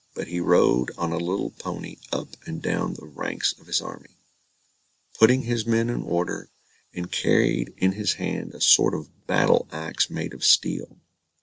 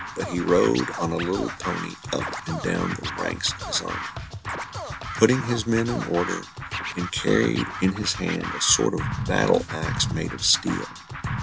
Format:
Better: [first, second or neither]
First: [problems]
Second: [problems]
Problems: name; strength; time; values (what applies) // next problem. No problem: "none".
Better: first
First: none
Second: background sound (Scratching (performance technique)); 7 dB below the speech